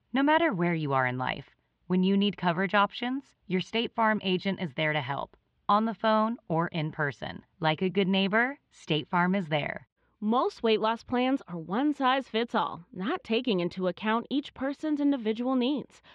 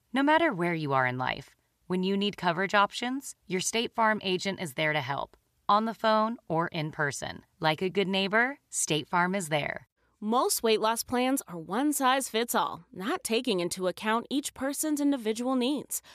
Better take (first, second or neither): second